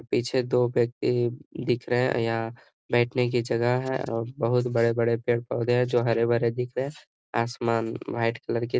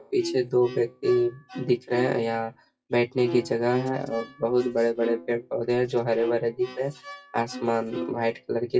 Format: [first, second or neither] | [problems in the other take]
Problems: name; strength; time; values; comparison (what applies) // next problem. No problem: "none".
first | noise reduction (classical method WPE with log-MMSE)